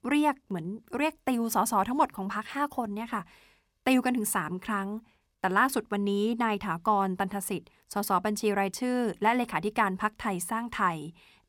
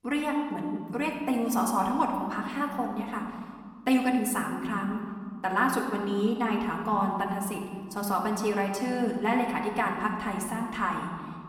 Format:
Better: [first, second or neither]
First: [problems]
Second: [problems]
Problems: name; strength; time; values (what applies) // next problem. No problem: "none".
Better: first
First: none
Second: room echo; noticeable; dies away in 1.8 s // off-mic speech; somewhat distant